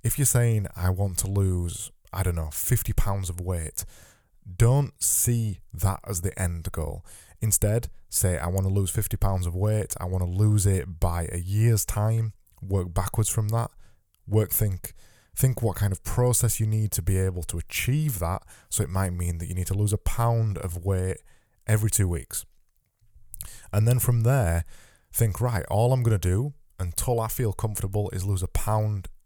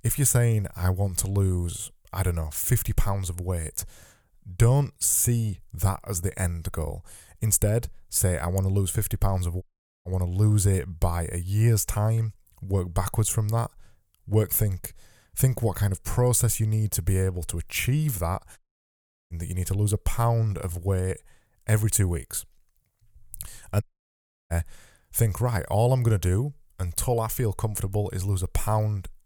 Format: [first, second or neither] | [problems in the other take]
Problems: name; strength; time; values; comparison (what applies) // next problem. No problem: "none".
first | audio cutting out; at 9.5 s, at 19 s for 0.5 s and at 24 s for 0.5 s